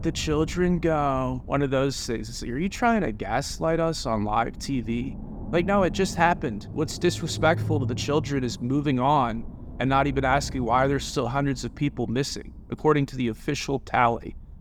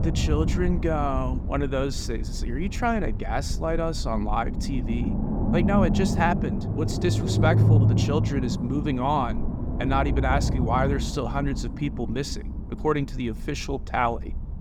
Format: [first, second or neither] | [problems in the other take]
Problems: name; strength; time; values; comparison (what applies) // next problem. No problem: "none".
first | low rumble; loud; throughout; 8 dB below the speech; faint in the first